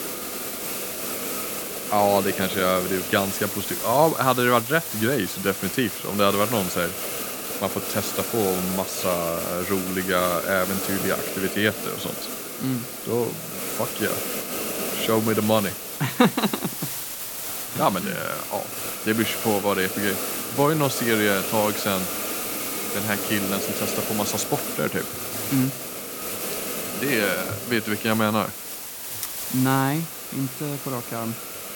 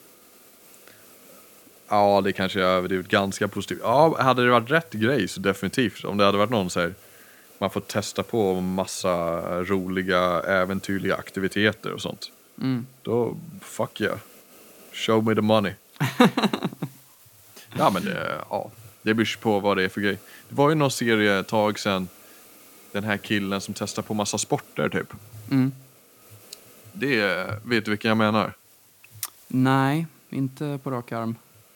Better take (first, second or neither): second